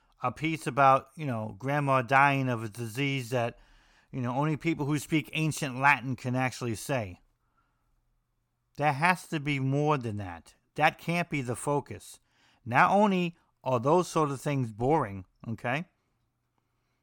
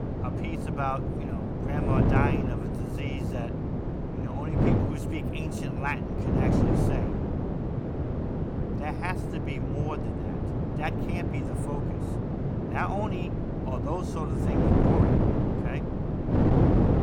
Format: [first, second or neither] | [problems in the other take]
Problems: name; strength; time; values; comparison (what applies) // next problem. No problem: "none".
first | wind noise on the microphone; heavy; 2 dB above the speech